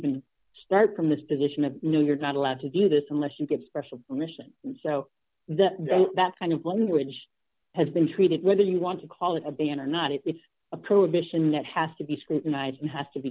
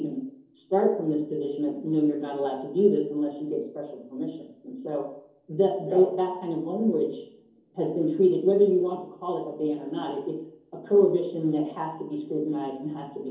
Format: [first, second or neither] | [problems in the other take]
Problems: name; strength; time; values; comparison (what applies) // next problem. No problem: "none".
first | room echo; dies away in 2.8 s